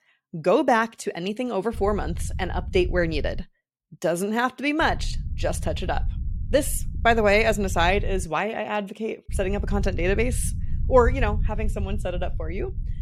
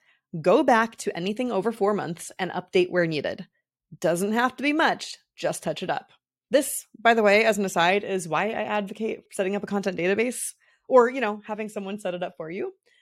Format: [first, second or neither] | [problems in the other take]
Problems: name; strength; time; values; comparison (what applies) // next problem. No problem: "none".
second | low rumble; faint; from 1.5 to 3.5 s, from 5 to 8 s and from 9.5 s on; 25 dB below the speech